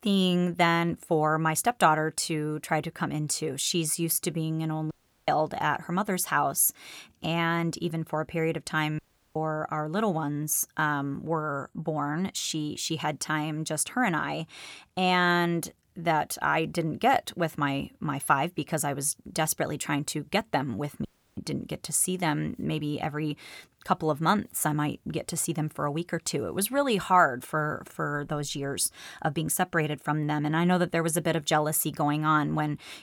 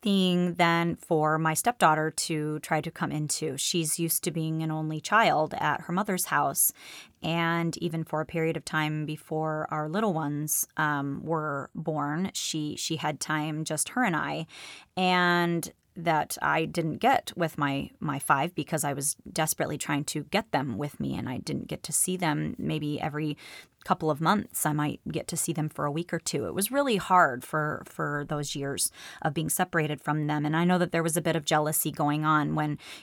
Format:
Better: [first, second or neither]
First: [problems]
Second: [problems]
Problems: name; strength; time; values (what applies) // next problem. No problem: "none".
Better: second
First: audio cutting out; at 5 s, at 9 s and at 21 s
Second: none